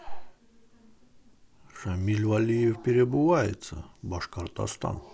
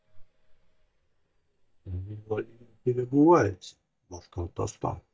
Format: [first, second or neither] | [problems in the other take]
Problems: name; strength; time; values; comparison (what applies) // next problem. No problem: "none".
first | noise reduction (neural mask model DeepFilterNet 3)